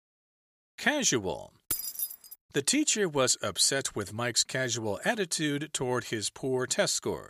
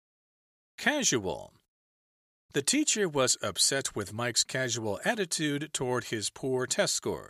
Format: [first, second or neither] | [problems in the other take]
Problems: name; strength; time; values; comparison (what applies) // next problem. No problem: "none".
second | jangling keys; noticeable; at 1.5 s; peak 2 dB below the speech